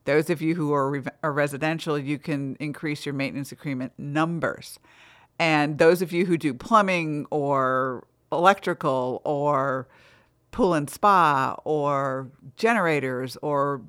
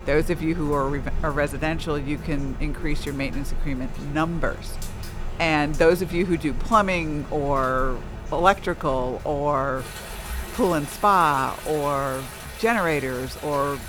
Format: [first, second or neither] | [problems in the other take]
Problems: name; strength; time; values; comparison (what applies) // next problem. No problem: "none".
first | rain or running water; noticeable; throughout; 10 dB below the speech